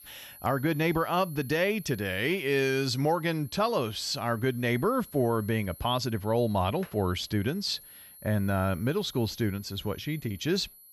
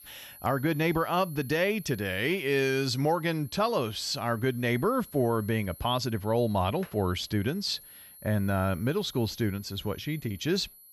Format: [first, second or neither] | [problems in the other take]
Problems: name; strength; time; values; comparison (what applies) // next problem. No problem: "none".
neither | high-pitched whine; noticeable; throughout; 11.5 kHz, 20 dB below the speech; the same in both